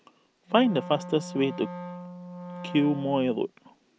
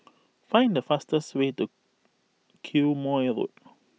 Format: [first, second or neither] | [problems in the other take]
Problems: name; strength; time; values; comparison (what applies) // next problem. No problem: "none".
second | background sound (Wind instrument, woodwind instrument); 12 dB below the speech